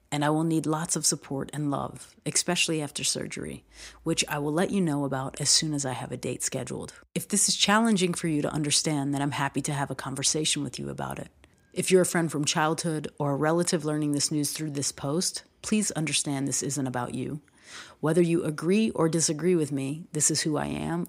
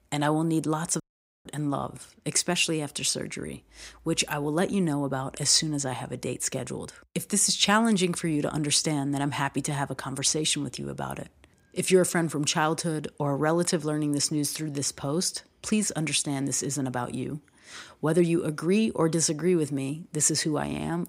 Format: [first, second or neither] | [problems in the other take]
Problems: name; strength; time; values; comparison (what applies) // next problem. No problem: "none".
first | audio cutting out; at 1 s